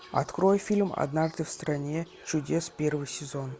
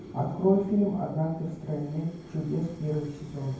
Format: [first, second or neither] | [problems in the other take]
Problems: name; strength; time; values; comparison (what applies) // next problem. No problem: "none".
first | background sound (Fire); 16 dB below the speech // room echo; dies away in 0.9 s